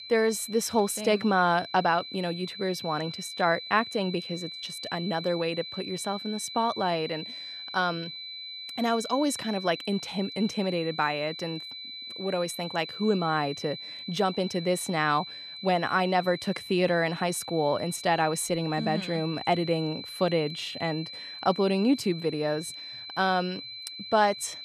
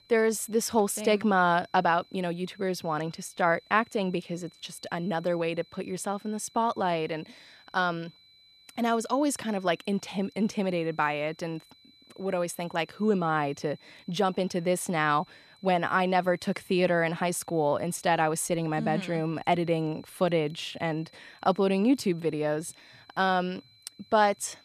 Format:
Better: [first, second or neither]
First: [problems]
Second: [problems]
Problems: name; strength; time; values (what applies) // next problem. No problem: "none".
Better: second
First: high-pitched whine; loud; throughout; 4 kHz, 10 dB below the speech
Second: high-pitched whine; faint; throughout; 4 kHz, 30 dB below the speech